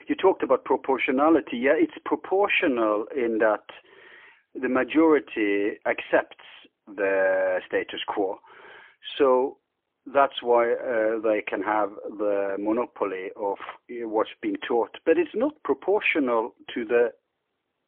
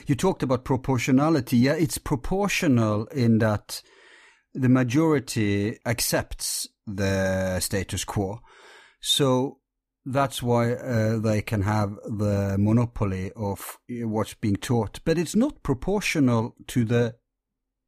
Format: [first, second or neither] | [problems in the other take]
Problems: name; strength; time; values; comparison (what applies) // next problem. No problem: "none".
second | phone-call audio; poor line; nothing above 3.5 kHz